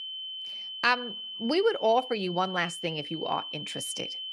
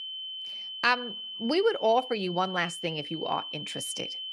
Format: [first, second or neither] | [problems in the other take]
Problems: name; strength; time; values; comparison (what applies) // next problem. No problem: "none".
neither | high-pitched whine; loud; throughout; 3 kHz, 7 dB below the speech; the same in both